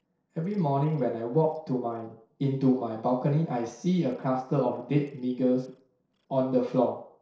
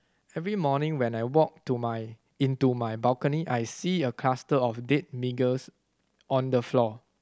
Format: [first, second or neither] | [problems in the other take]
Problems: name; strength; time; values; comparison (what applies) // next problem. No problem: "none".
second | noise reduction (neural separator model SepFormer DNS4)